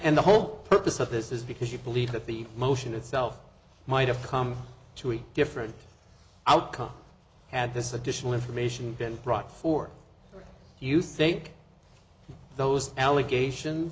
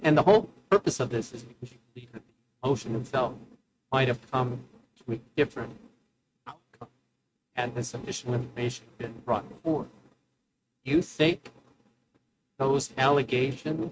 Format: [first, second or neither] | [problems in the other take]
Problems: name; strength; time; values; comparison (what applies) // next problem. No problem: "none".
first | noise reduction (neural mask model RNNoise)